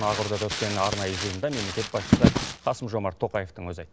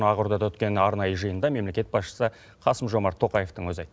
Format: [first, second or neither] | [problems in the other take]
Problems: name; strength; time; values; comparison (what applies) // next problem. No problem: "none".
second | background sound (Crumpling, crinkling); 1 dB above the speech